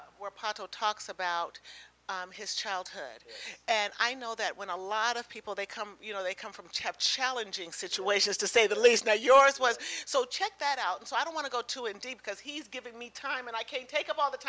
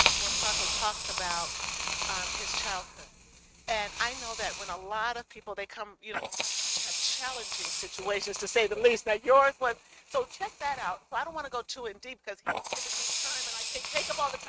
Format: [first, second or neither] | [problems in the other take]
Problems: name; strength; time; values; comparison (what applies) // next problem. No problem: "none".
first | noise reduction (neural mask model RNNoise)